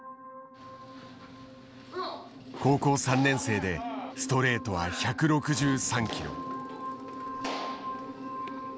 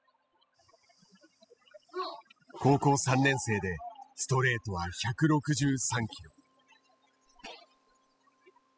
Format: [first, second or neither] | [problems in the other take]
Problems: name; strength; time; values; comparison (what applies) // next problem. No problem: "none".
first | noise reduction (classical method spectral subtraction)